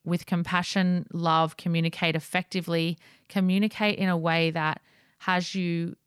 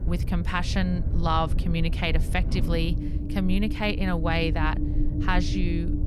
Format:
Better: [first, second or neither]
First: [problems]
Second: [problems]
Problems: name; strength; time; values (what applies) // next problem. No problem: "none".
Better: first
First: none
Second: low rumble; noticeable; throughout; 10 dB below the speech